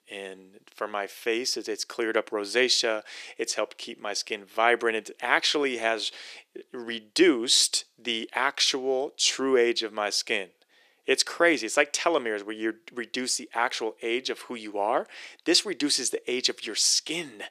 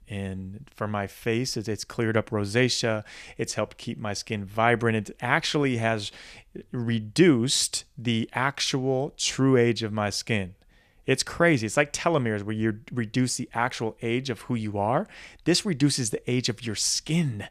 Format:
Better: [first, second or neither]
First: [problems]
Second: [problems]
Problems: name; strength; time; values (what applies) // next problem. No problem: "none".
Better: second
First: thin; somewhat; fading below 350 Hz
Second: none